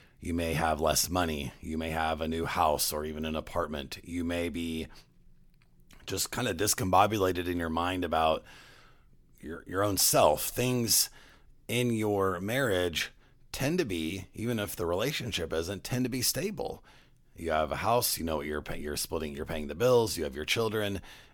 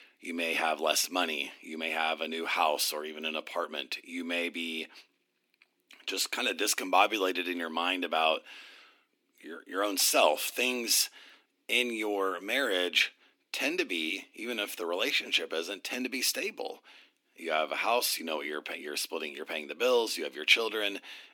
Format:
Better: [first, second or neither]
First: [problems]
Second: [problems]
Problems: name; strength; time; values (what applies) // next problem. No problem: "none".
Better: first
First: none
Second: thin; very slightly; fading below 250 Hz